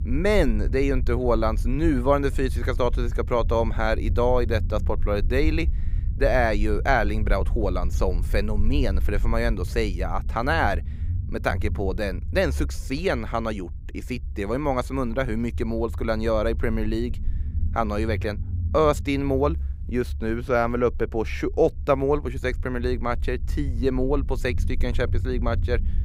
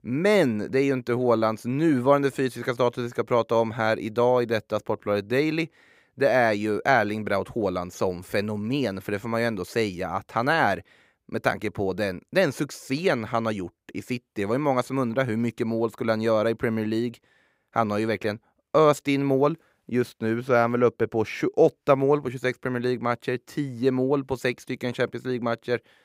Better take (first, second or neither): second